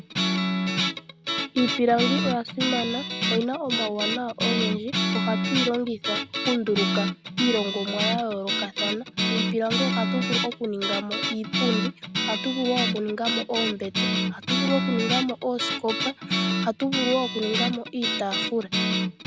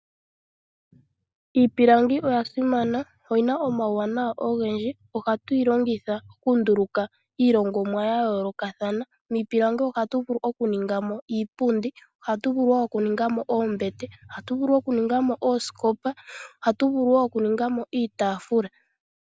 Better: second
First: background sound (Guitar); 1 dB above the speech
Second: none

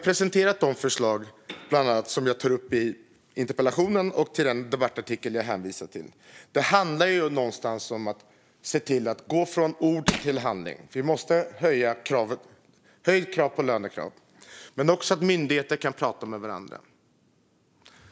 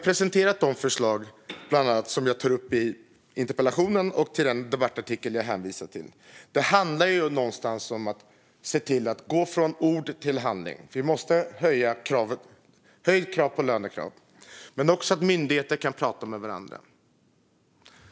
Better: second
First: background sound (Crushing); 3 dB below the speech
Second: none

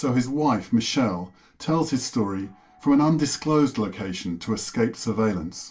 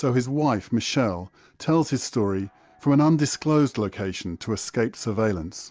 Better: second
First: room echo; dies away in 0.2 s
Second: none

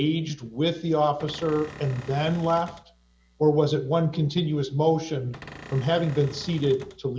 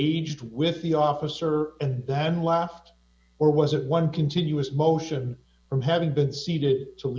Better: second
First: background sound (Cupboard open or close / Door); 17 dB below the speech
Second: none

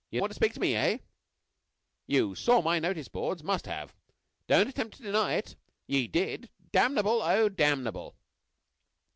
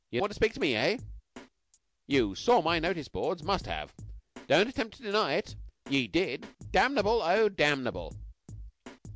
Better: first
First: none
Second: background sound (Drum kit); 17 dB below the speech

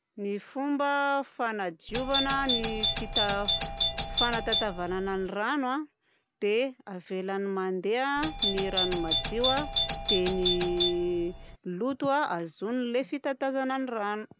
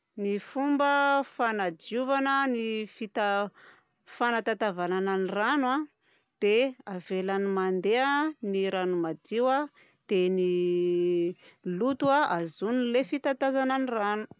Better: second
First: background sound (Doorbell); as loud as the speech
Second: none

